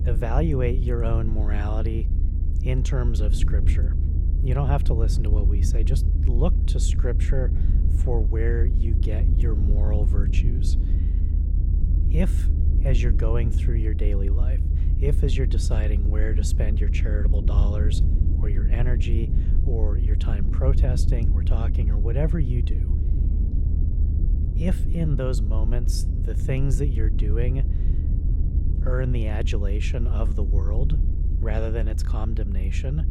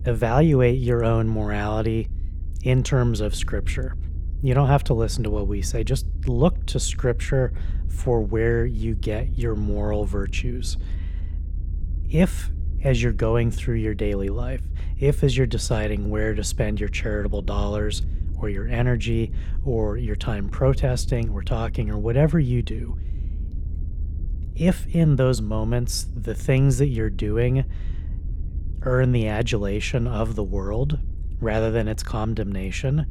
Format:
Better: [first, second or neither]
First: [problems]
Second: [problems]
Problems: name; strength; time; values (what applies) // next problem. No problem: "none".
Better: second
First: low rumble; loud; throughout; 6 dB below the speech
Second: low rumble; faint; throughout; 20 dB below the speech